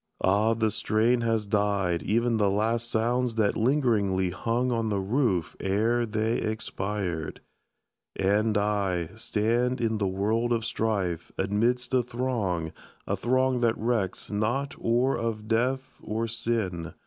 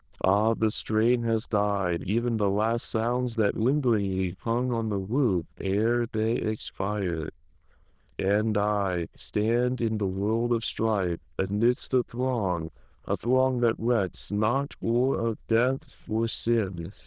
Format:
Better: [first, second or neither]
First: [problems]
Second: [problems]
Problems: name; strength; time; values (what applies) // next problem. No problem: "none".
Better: first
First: none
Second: noise reduction (neural diffusion model UNIVERSE++)